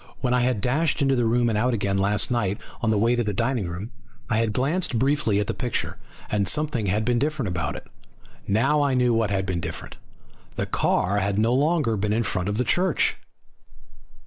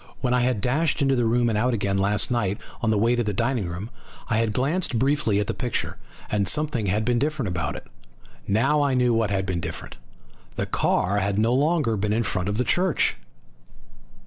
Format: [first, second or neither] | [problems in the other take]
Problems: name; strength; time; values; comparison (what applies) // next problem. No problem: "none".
second | noise reduction (neural mask model Resemble Enhance denoiser)